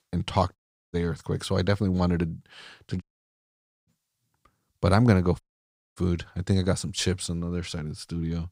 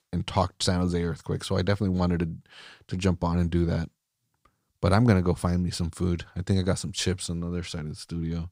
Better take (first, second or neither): second